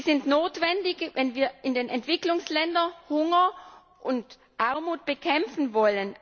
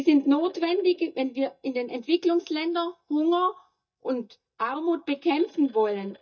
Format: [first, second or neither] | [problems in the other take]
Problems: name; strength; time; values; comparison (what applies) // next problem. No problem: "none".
first | noise reduction (neural mask model DeepFilterNet 3)